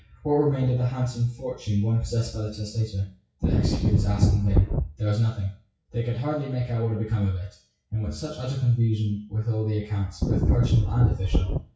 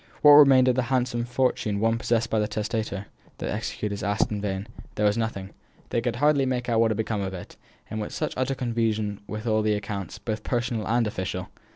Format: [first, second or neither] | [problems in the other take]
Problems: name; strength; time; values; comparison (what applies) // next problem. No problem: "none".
second | noise reduction (classical method WPE with log-MMSE)